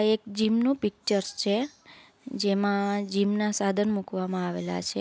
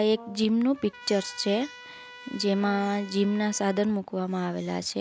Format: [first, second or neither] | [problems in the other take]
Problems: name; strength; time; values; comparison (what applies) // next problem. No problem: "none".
first | background sound (Brass instrument + Trumpet); 19 dB below the speech